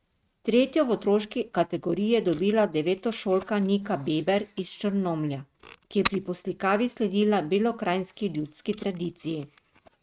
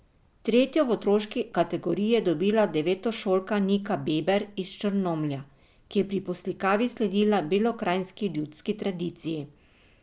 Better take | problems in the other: second | noise reduction (neural mask model RNNoise)

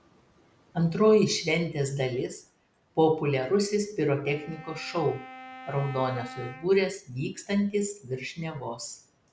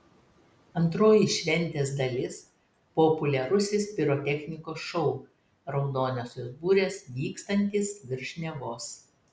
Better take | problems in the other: second | background sound (Wind instrument, woodwind instrument); 17 dB below the speech

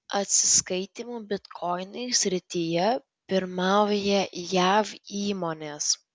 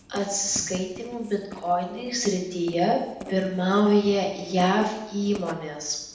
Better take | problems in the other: first | background sound (Writing); 18 dB below the speech // room echo; dies away in 0.8 s

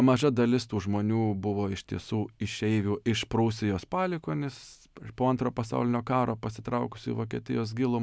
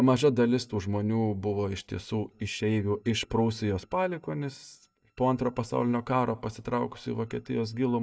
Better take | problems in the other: first | noise reduction (neural mask model DeepFilterNet 3)

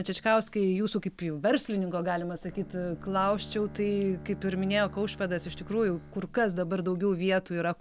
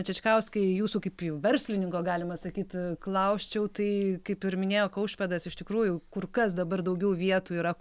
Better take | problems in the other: second | background sound (Bowed string instrument); 19 dB below the speech

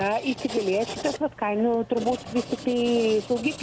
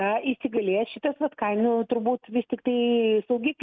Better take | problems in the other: second | background sound (Writing); 12 dB below the speech

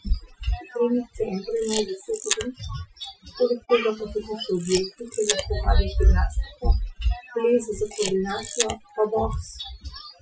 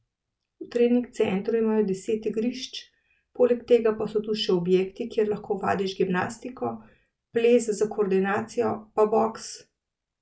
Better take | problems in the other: second | noise reduction (classical method Wiener filter)

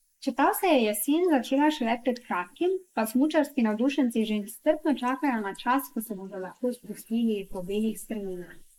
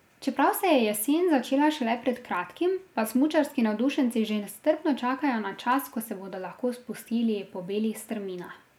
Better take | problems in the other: second | noise reduction (neural mask model Resemble Enhance denoiser)

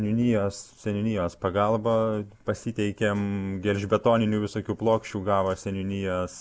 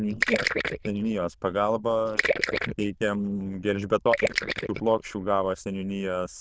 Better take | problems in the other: first | noise reduction (neural diffusion model UNIVERSE++)

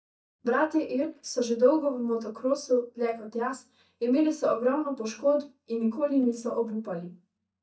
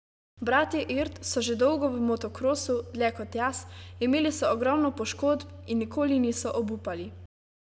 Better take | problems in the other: second | noise reduction (neural mask model DeepFilterNet 3)

